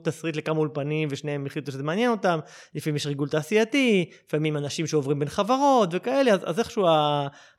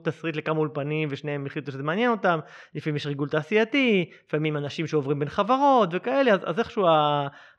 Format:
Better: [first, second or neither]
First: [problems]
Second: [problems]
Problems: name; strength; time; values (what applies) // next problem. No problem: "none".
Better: first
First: none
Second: muffled; slightly; fading above 3 kHz